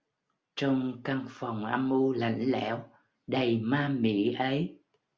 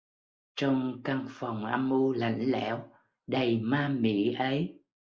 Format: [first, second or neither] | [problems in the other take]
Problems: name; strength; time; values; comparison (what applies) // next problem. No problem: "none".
first | noise reduction (neural mask model Resemble Enhance denoiser)